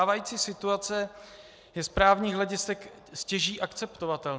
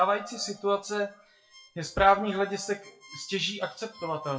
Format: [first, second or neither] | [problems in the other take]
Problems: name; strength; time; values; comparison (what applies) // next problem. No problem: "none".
first | noise reduction (classical method WPE with log-MMSE)